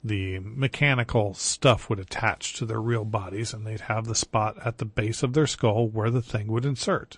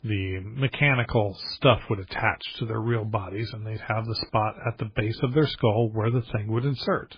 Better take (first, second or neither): first